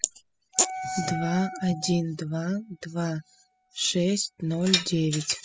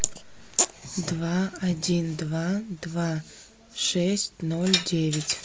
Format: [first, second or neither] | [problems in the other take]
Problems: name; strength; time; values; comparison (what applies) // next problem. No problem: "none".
second | noise reduction (classical method spectral subtraction)